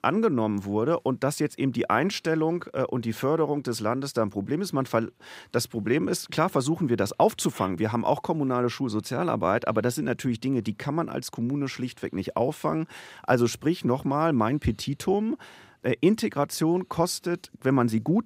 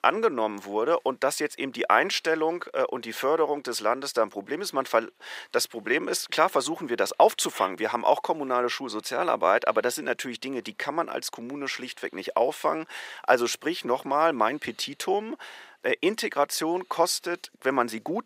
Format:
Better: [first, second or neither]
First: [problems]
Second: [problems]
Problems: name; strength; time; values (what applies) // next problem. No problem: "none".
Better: first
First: none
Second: thin; somewhat; fading below 550 Hz